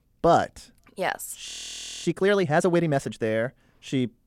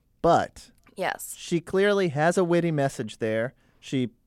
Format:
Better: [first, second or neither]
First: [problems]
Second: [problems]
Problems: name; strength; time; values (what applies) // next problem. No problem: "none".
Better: second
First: audio freezing; at 1.5 s for 0.5 s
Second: none